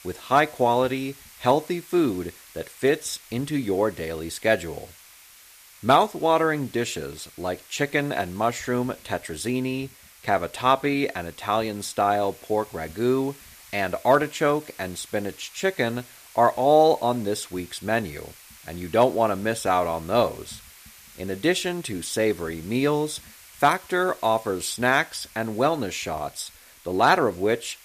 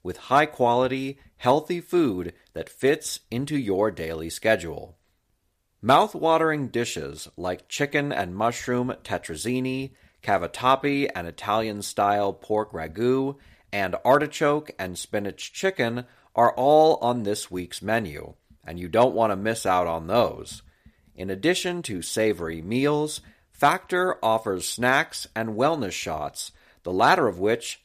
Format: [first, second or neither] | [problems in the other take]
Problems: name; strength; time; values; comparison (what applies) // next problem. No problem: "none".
second | hiss; faint; throughout; 20 dB below the speech